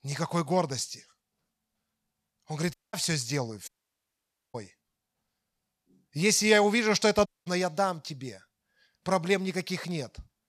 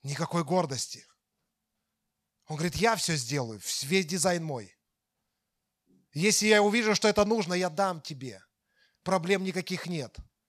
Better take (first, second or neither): second